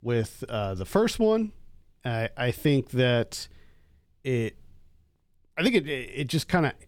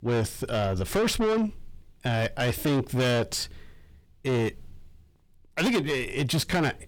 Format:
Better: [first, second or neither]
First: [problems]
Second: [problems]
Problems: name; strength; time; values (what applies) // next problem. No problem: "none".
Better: first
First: none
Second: distortion; heavy; 6 dB below the speech